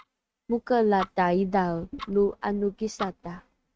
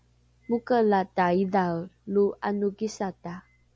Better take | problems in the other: second | noise reduction (neural mask model RNNoise)

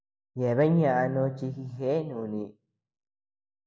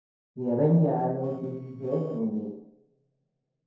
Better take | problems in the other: first | noise reduction (neural separator model SepFormer DNS4)

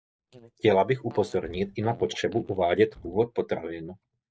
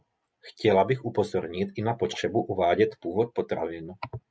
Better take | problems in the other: second | noise reduction (neural mask model DeepFilterNet 3)

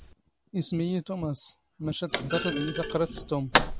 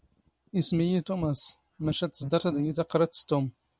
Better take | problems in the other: second | background sound (Thump, thud); 2 dB below the speech

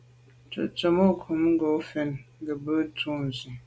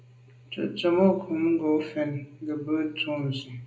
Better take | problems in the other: first | room echo; dies away in 0.5 s

